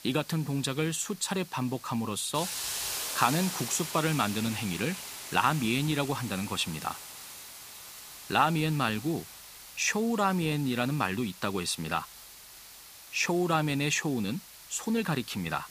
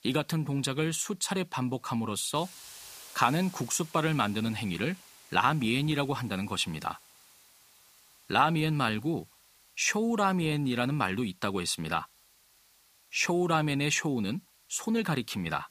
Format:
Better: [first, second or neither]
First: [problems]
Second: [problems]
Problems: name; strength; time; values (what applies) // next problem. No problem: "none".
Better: second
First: hiss; loud; throughout; 10 dB below the speech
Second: hiss; faint; throughout; 25 dB below the speech